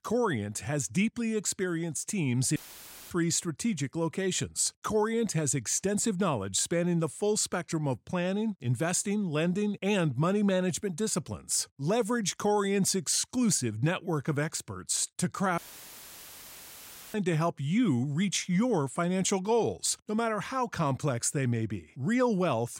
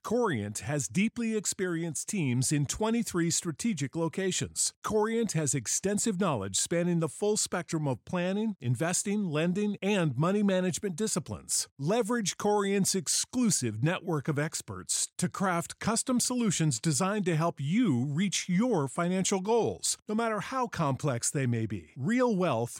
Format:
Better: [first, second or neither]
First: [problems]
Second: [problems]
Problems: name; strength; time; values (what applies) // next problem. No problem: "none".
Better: second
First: audio cutting out; filled with static; at 2.5 s for 0.5 s and at 16 s for 1.5 s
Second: none